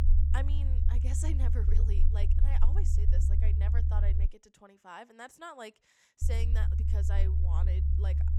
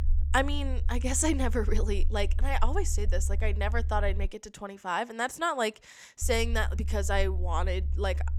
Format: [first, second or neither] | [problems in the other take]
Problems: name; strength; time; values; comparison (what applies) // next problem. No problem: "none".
second | low rumble; loud; until 4.5 s and from 6 s on; 2 dB below the speech; faint in the second